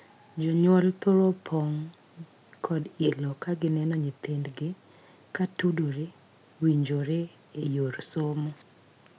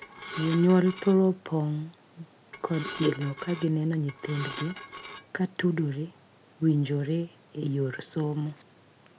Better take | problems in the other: first | background sound (Dishes, pots, and pans / Glass); 13 dB below the speech

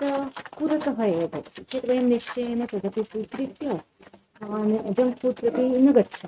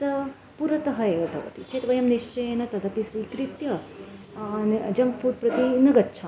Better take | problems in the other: second | noise reduction (neural mask model RNNoise)

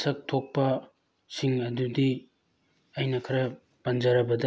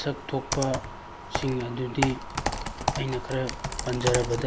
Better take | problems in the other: first | background sound (Computer keyboard); 2 dB below the speech

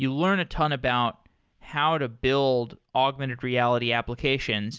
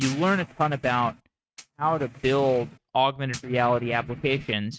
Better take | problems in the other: first | noise reduction (neural mask model RNNoise)

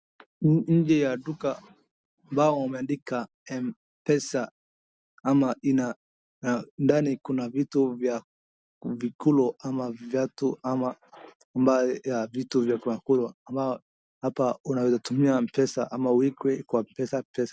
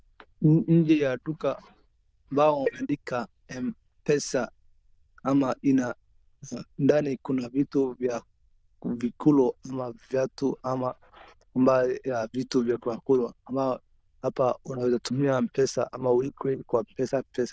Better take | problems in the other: first | noise reduction (neural diffusion model UNIVERSE++)

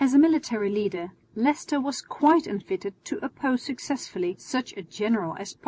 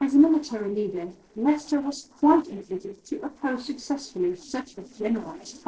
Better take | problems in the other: first | noise reduction (neural separator model SepFormer DNS4)

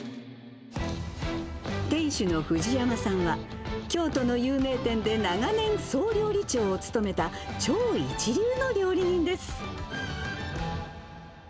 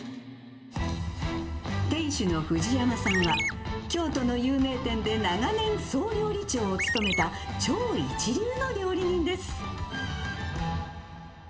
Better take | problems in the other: first | background sound (Chirp, tweet); as loud as the speech // room echo; dies away in 0.7 s

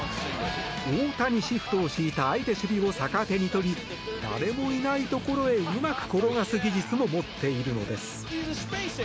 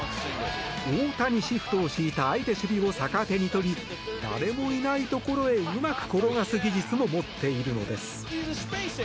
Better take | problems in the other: second | background sound (Snare drum); 19 dB below the speech

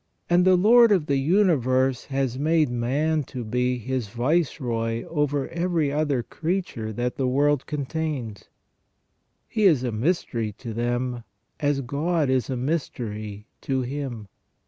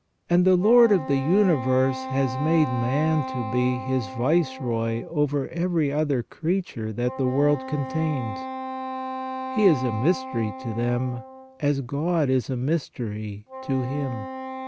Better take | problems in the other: first | background sound (Wind instrument, woodwind instrument); 10 dB below the speech

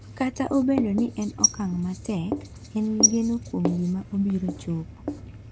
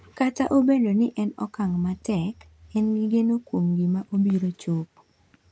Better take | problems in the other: second | background sound (Writing); 3 dB below the speech

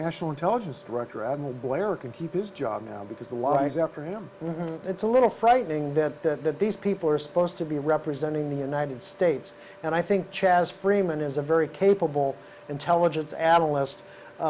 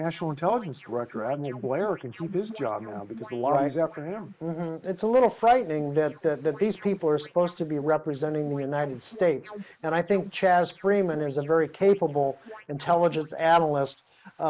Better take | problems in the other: first | noise reduction (neural mask model Resemble Enhance denoiser)

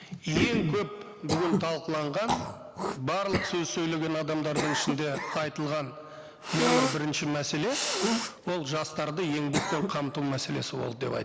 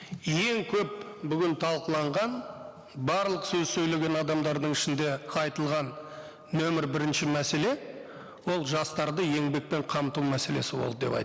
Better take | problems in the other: second | background sound (Cough); 3 dB below the speech

